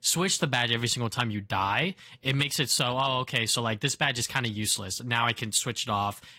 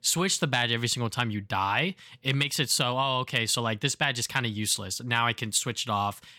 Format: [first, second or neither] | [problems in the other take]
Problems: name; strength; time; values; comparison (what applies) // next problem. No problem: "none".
second | garbled, watery; slightly; nothing above 14.5 kHz